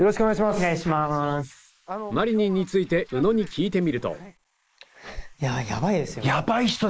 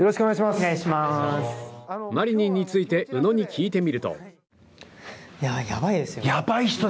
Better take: second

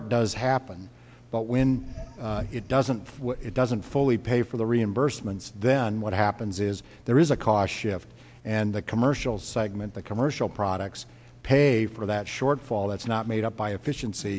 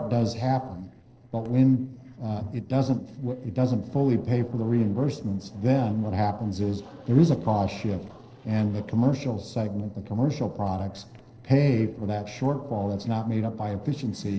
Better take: first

